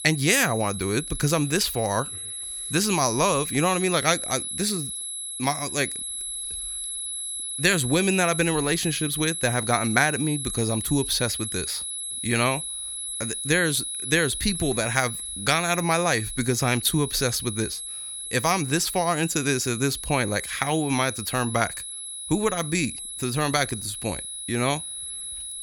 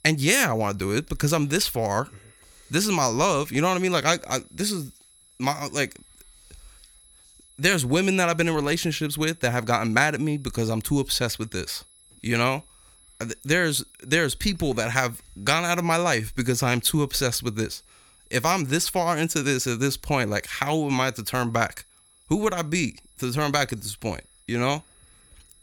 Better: second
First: high-pitched whine; loud; throughout; 11 kHz, 6 dB below the speech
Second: high-pitched whine; faint; throughout; 11 kHz, 30 dB below the speech

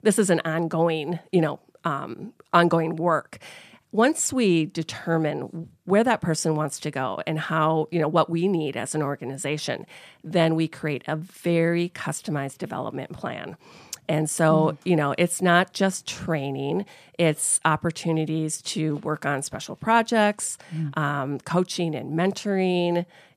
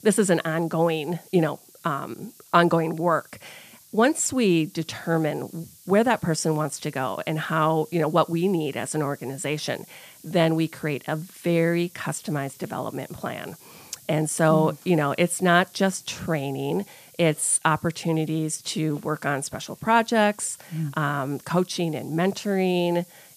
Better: first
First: none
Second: hiss; faint; throughout; 25 dB below the speech

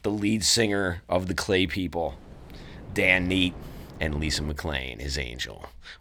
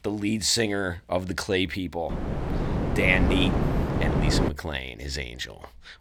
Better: first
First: wind noise on the microphone; occasional gusts; from 2 to 4.5 s; 20 dB below the speech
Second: wind noise on the microphone; heavy; from 2 to 4.5 s; 3 dB below the speech

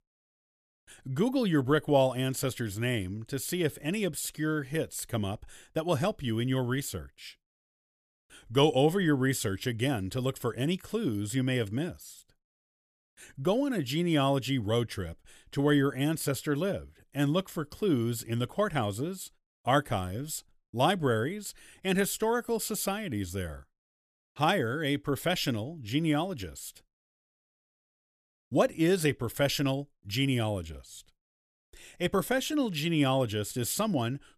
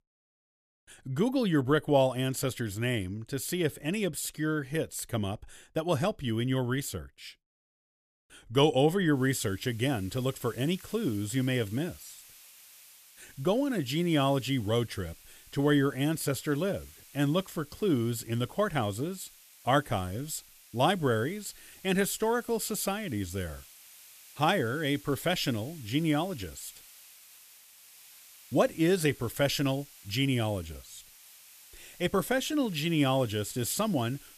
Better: first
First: none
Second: hiss; faint; from 9 s on; 20 dB below the speech

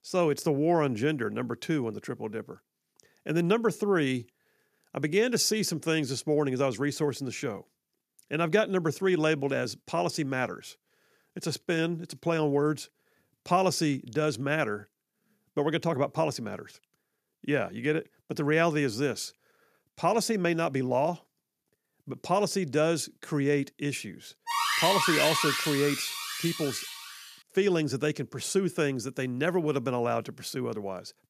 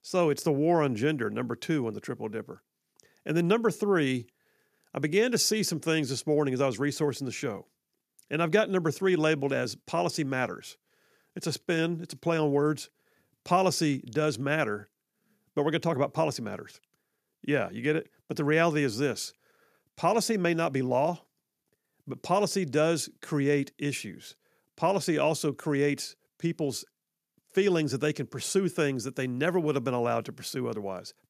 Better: second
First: alarm; loud; from 24 to 27 s; peak 4 dB above the speech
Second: none

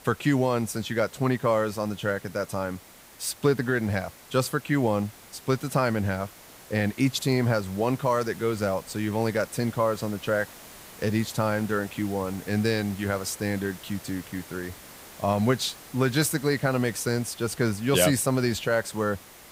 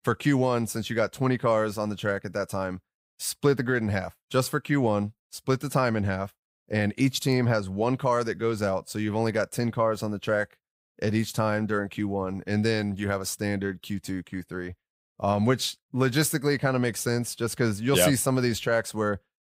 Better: second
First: hiss; noticeable; throughout; 20 dB below the speech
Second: none

